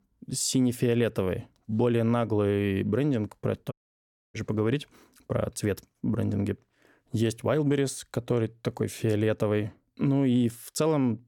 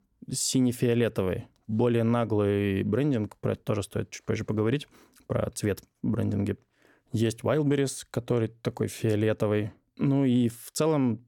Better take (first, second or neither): second